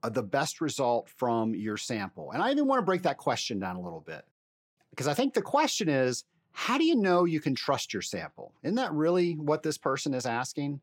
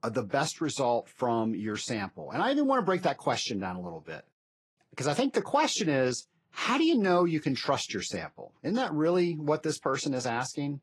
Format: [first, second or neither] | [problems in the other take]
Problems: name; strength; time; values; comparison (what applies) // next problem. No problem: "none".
first | garbled, watery; slightly; nothing above 11.5 kHz